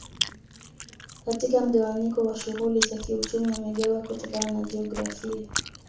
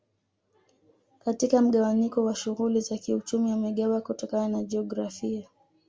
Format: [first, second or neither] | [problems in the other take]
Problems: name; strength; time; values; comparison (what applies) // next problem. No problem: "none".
second | background sound (Chewing, mastication); 8 dB below the speech // room echo; dies away in 0.4 s